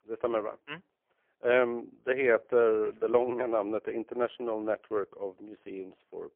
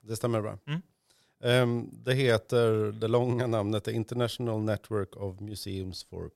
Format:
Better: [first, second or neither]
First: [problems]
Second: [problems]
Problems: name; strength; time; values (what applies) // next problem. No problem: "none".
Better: second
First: phone-call audio; poor line; nothing above 3.5 kHz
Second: none